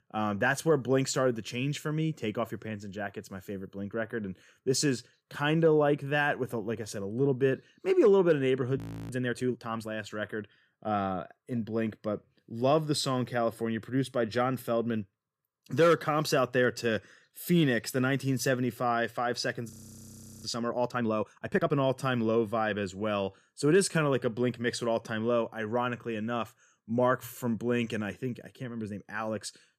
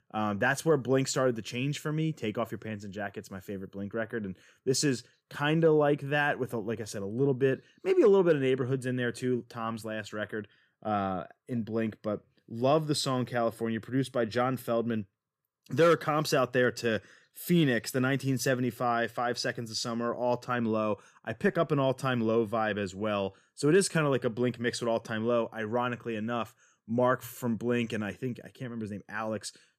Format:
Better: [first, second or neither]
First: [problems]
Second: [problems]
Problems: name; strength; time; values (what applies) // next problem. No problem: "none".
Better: second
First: audio freezing; at 9 s and at 20 s for 0.5 s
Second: none